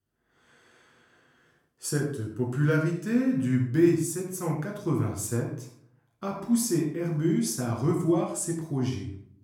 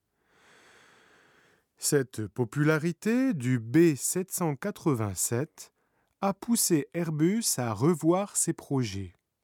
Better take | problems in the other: second | off-mic speech; somewhat distant // room echo; noticeable; dies away in 0.5 s

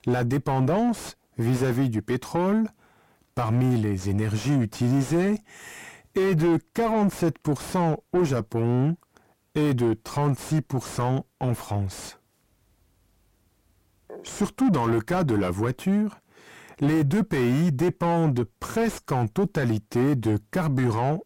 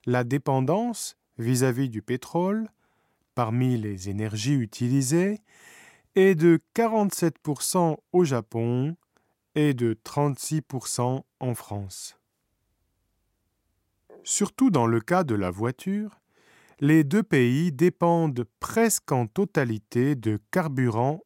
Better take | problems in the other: second | distortion; heavy; 5 dB below the speech

